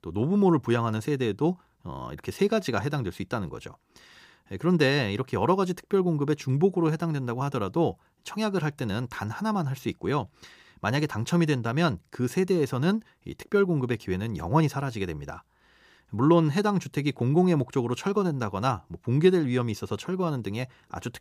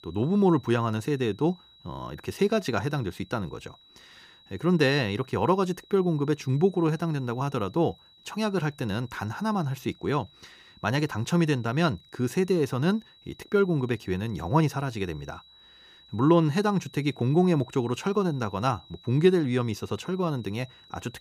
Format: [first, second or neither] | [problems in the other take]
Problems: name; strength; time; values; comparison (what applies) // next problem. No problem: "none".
first | high-pitched whine; faint; throughout; 4 kHz, 25 dB below the speech